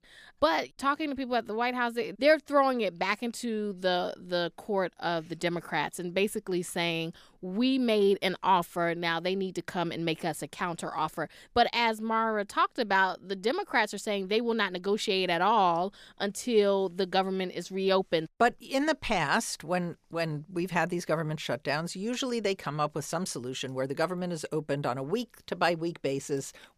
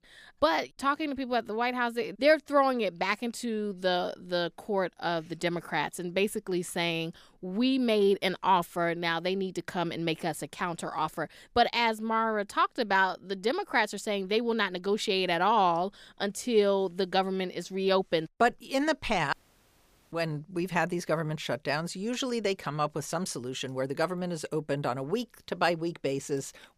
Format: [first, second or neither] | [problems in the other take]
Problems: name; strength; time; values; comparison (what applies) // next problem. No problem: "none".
first | audio cutting out; at 19 s for 1 s